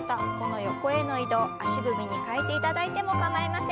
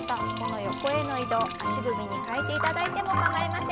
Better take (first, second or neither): first